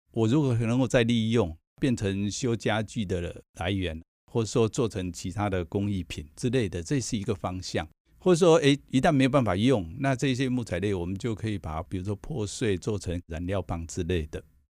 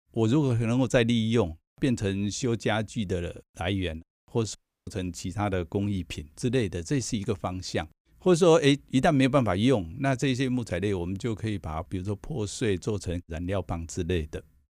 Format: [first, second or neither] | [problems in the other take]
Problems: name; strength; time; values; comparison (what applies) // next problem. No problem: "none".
first | audio cutting out; at 4.5 s